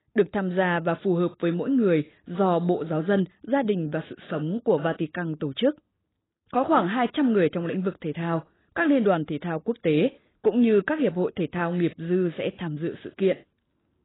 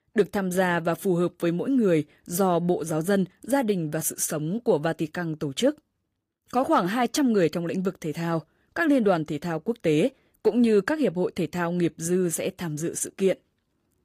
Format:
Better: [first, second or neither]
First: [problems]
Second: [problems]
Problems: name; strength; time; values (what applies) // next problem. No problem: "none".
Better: second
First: garbled, watery; badly; nothing above 4 kHz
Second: garbled, watery; slightly; nothing above 15 kHz